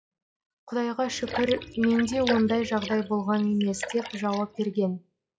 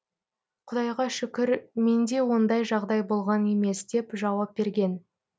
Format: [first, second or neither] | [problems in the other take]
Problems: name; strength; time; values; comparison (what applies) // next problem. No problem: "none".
second | noise reduction (classical method log-MMSE)